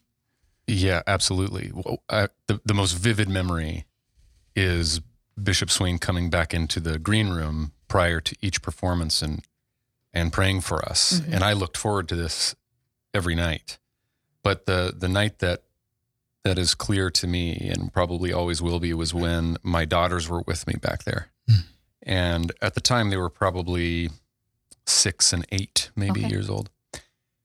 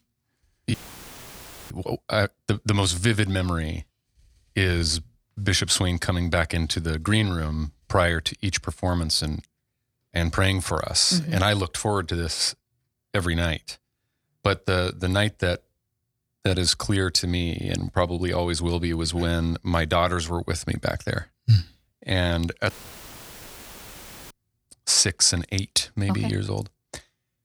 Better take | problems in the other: first | audio cutting out; filled with static; at 0.5 s for 1 s and at 23 s for 1.5 s

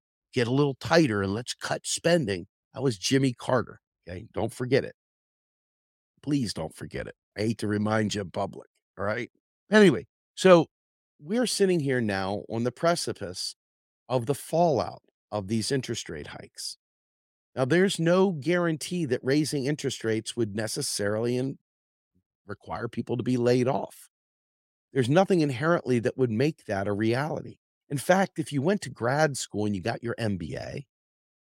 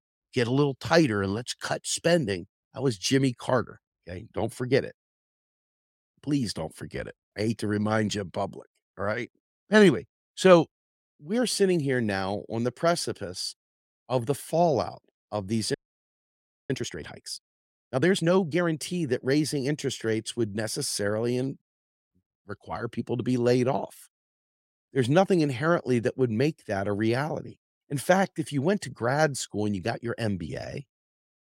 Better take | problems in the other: first | audio freezing; at 16 s for 1 s

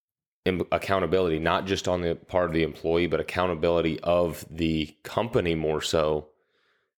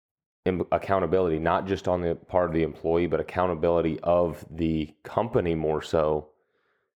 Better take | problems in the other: first | muffled; slightly; fading above 2 kHz

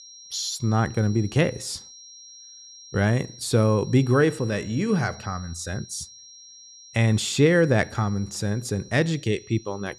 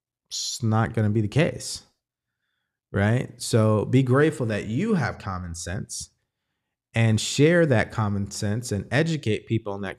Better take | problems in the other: second | high-pitched whine; noticeable; throughout; 5.5 kHz, 20 dB below the speech

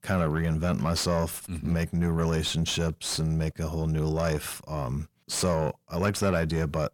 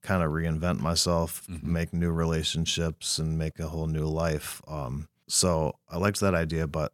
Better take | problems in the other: second | distortion; slight; 10 dB below the speech

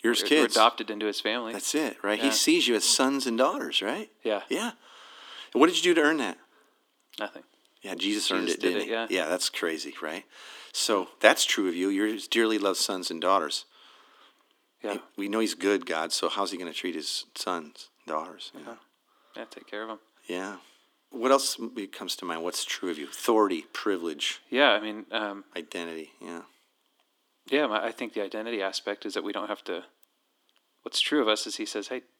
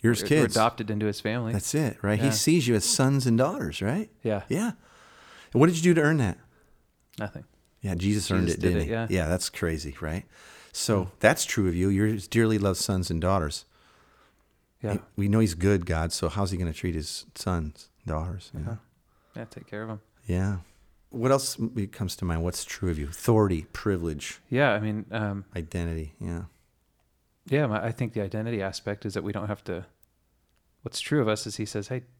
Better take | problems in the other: second | thin; somewhat; fading below 250 Hz

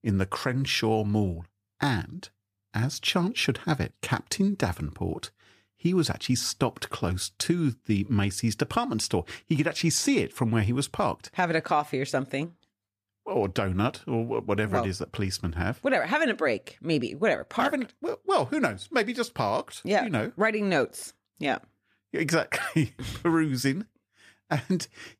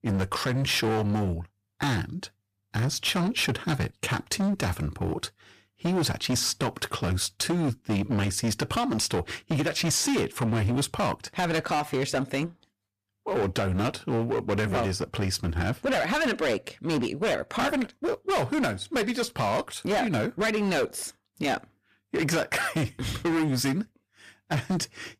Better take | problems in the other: first | distortion; heavy; 18% of the sound clipped

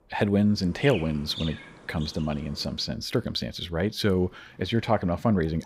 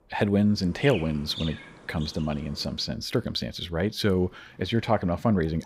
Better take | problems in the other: neither | animal sounds; noticeable; throughout; 15 dB below the speech; the same in both

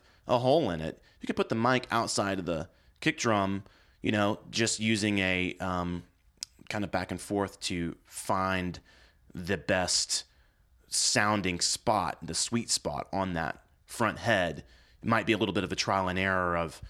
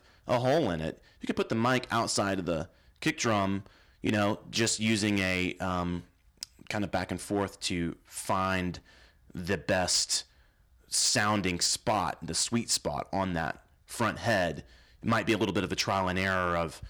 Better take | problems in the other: first | distortion; slight; 3% of the sound clipped

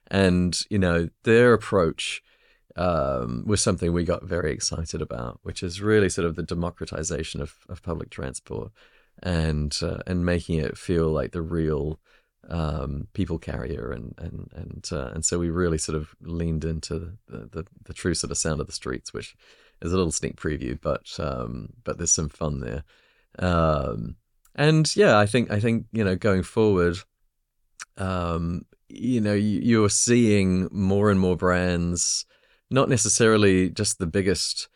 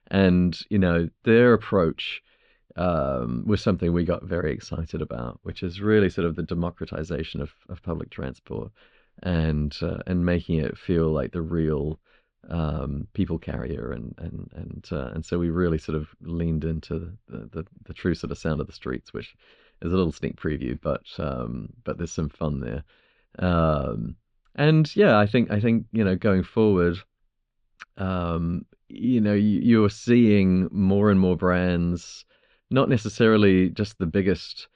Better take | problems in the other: first | muffled; slightly; fading above 3.5 kHz

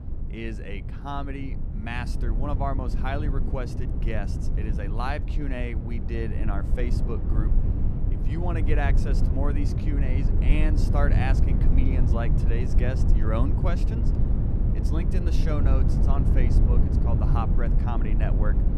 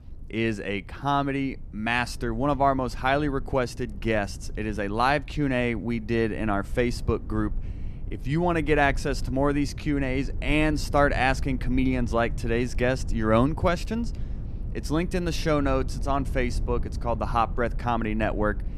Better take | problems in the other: second | low rumble; loud; throughout; 4 dB below the speech; faint in the second

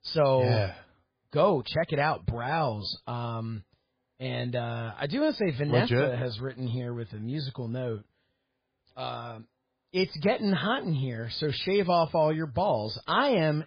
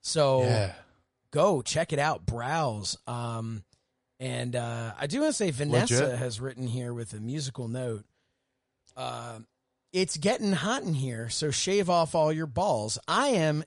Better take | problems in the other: second | garbled, watery; badly; slightly in the second

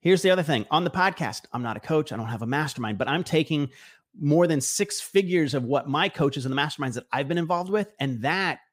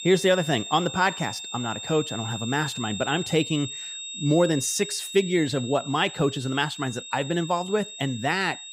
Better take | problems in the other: first | high-pitched whine; loud; throughout; 3.5 kHz, 9 dB below the speech

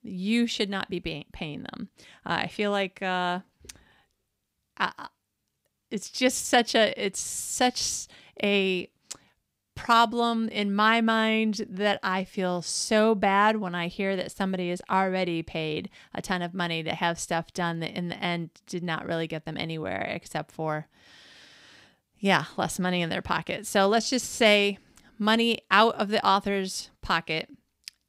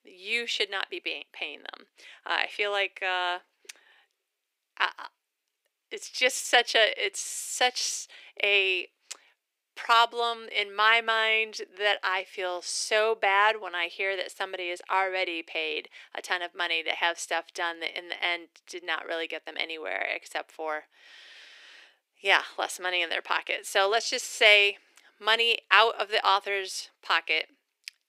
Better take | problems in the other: first | thin; very; fading below 350 Hz

